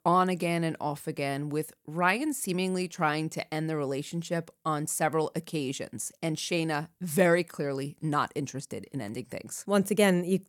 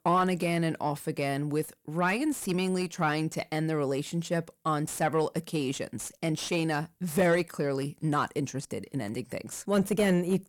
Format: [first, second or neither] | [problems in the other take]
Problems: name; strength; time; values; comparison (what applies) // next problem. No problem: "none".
first | distortion; slight; 10 dB below the speech